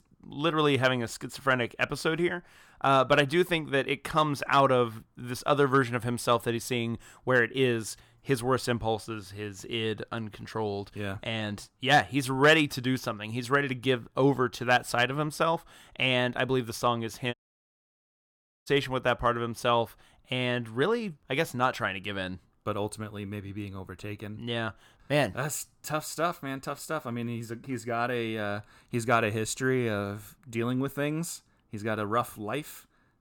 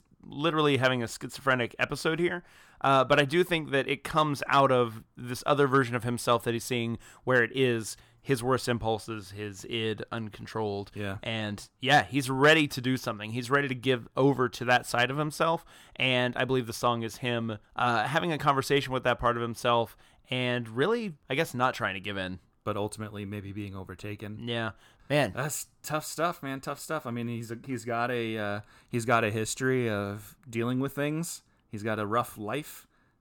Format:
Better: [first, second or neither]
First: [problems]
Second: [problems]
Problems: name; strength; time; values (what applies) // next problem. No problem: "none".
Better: second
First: audio cutting out; at 17 s for 1.5 s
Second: none